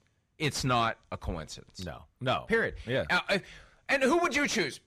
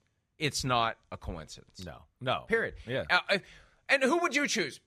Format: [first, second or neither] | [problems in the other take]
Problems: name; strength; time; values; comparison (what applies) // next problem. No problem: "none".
second | distortion; slight; 10 dB below the speech